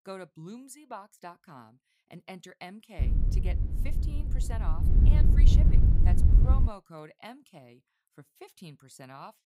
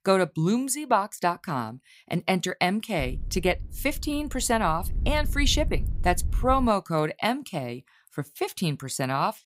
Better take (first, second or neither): second